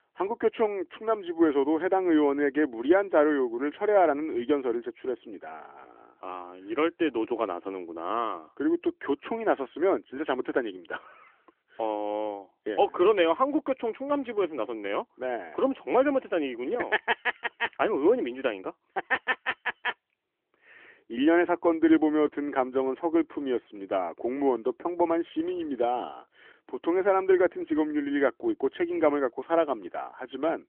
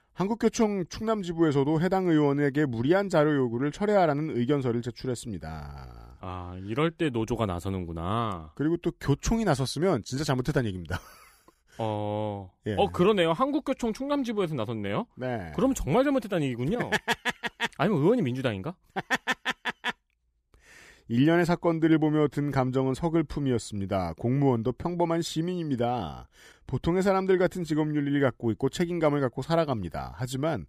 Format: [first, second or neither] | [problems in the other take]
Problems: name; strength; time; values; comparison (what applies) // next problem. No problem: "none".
second | phone-call audio; nothing above 3 kHz